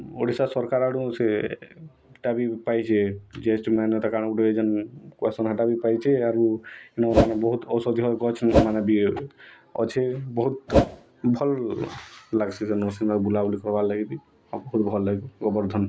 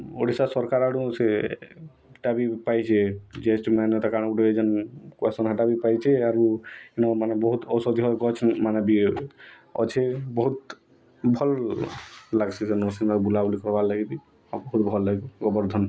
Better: second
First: background sound (Whoosh, swoosh, swish); 3 dB above the speech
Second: none

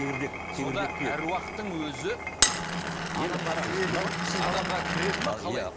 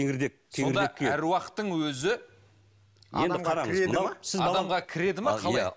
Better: second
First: background sound (Glass); 1 dB above the speech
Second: none

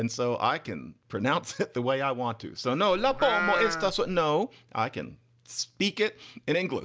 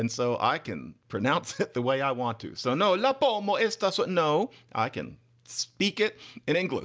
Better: second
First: background sound (Livestock, farm animals, working animals); 2 dB below the speech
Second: none

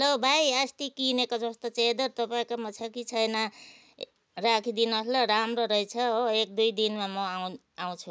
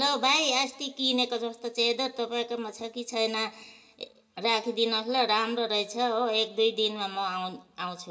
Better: first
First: none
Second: room echo; dies away in 0.8 s

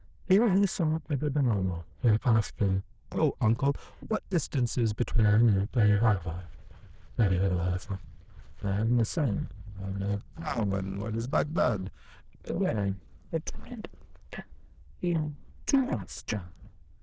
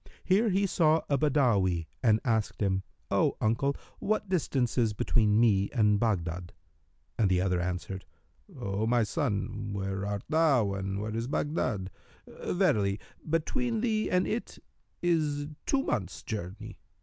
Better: second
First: noise reduction (neural diffusion model UNIVERSE++)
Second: none

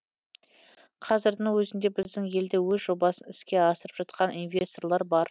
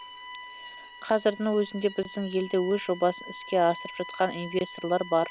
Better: first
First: none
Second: background sound (Bowed string instrument); 15 dB below the speech

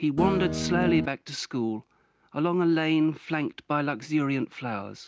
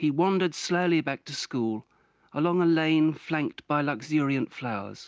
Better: second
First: background sound (Guitar); as loud as the speech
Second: none

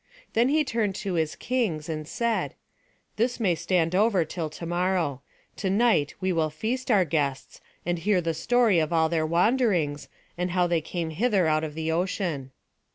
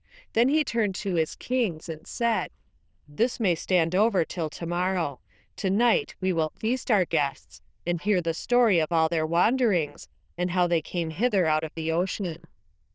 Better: first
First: none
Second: noise reduction (neural diffusion model UNIVERSE++)

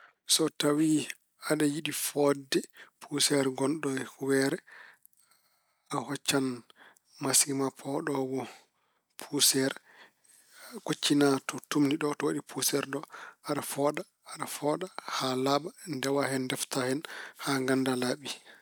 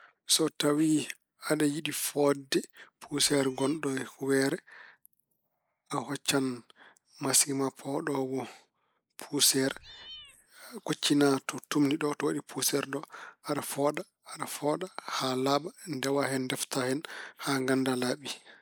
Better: first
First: none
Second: noise reduction (neural mask model Resemble Enhance denoiser)

